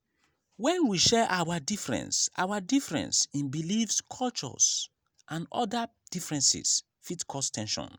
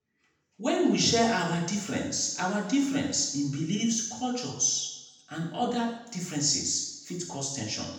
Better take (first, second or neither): first